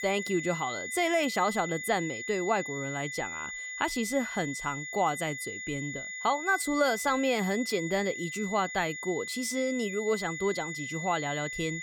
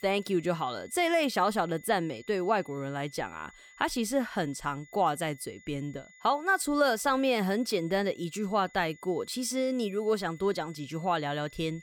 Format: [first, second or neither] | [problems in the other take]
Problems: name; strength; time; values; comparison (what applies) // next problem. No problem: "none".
second | high-pitched whine; loud; throughout; 2 kHz, 6 dB below the speech; faint in the second